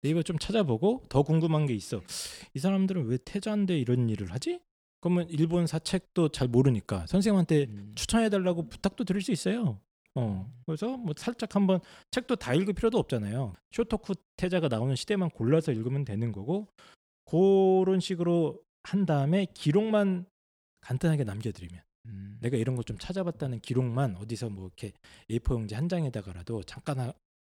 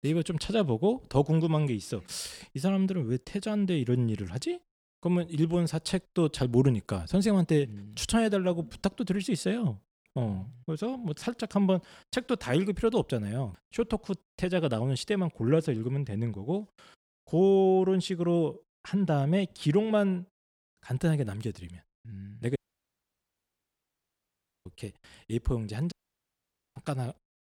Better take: first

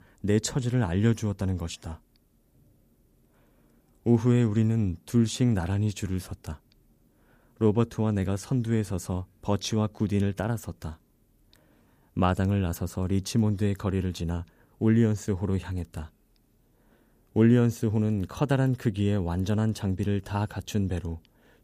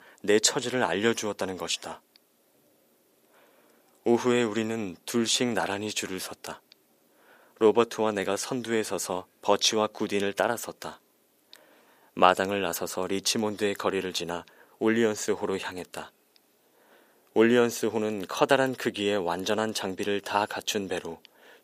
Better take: first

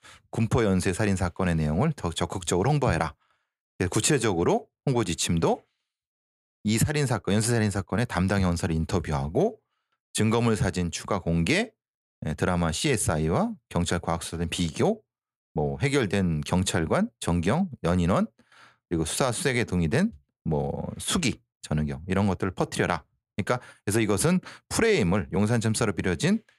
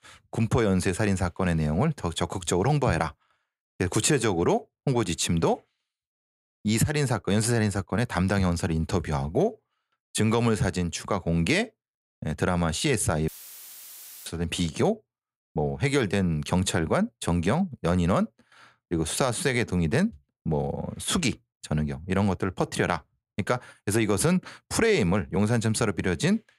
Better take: first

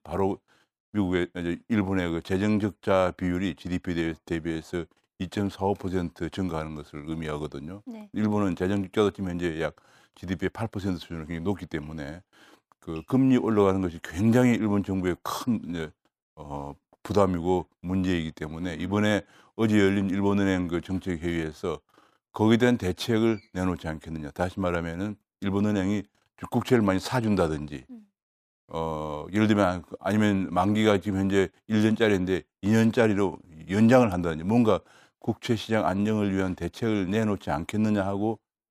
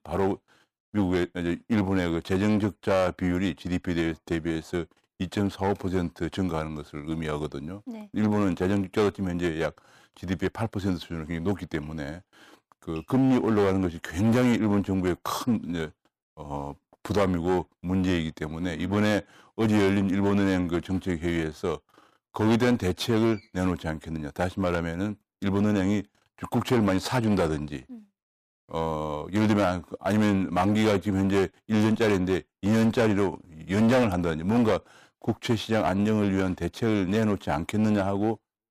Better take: first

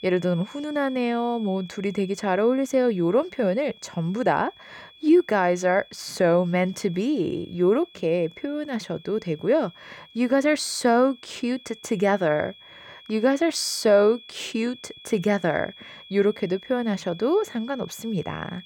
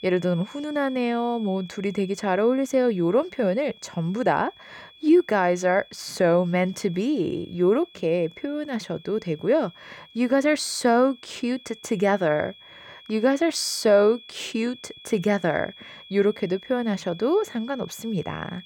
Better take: neither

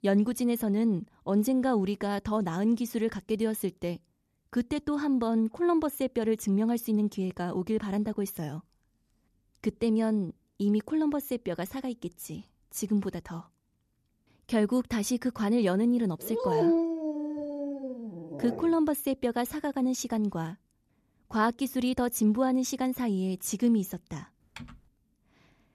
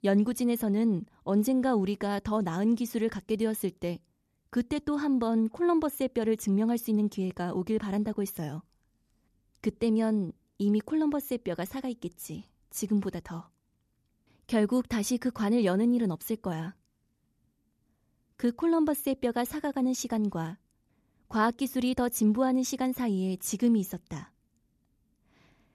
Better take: second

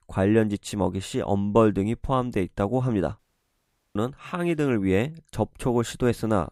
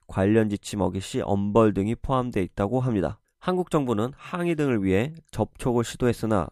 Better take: second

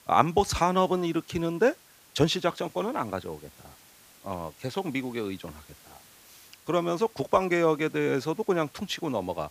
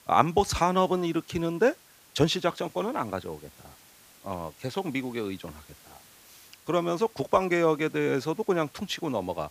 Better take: neither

